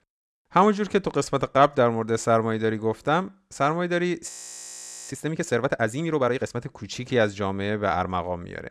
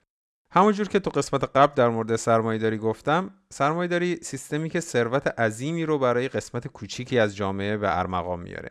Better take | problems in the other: second | audio freezing; at 4.5 s for 1 s

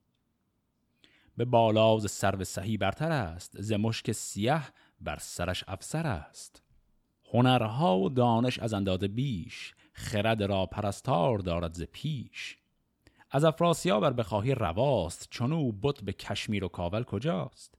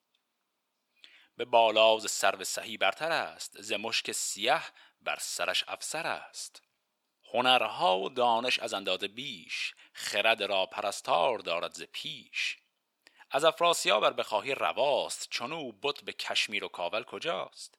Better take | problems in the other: first | thin; very; fading below 650 Hz

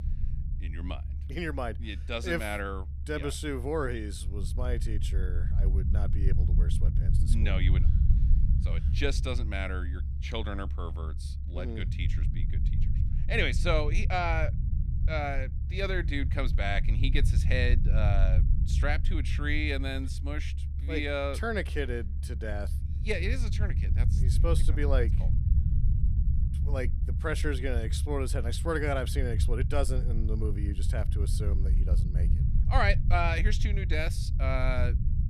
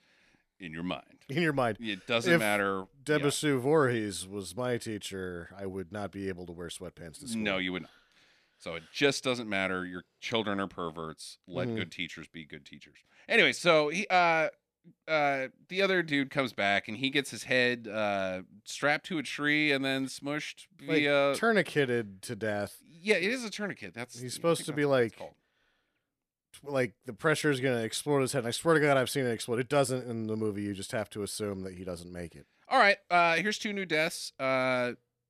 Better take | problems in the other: second | low rumble; noticeable; throughout; 15 dB below the speech

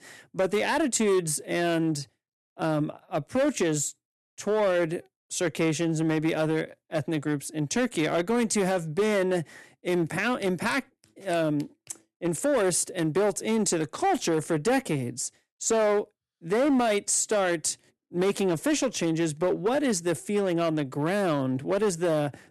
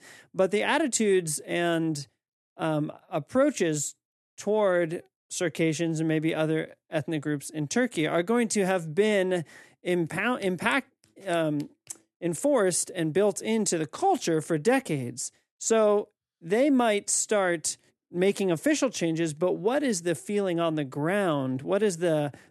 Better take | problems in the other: second | distortion; slight; 8% of the sound clipped

